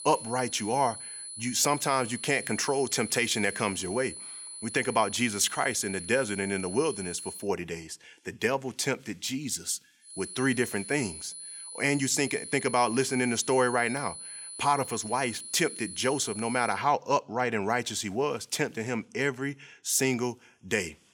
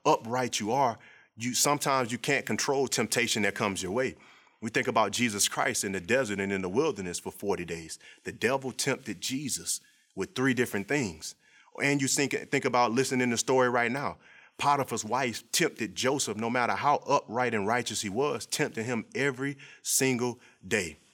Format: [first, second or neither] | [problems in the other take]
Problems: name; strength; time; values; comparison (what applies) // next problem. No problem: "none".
second | high-pitched whine; loud; until 7.5 s and from 10 to 17 s; 10 kHz, 10 dB below the speech